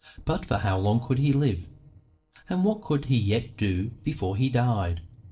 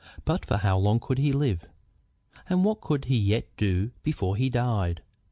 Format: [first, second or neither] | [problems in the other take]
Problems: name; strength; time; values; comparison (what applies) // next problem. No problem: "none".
second | noise reduction (neural separator model SepFormer DNS4)